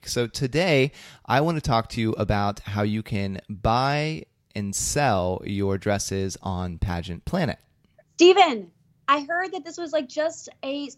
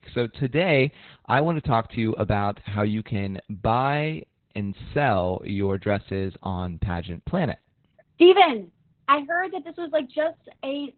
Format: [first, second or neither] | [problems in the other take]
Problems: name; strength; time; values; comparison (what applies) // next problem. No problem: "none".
first | garbled, watery; badly; nothing above 4 kHz